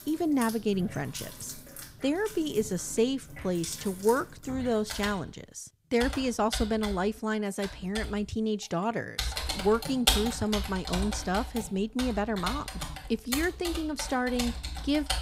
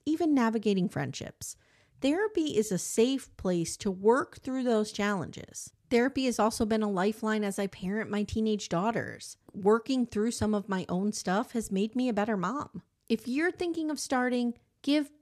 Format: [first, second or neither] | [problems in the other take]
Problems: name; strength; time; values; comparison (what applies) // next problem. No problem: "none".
second | household noises; loud; throughout; 6 dB below the speech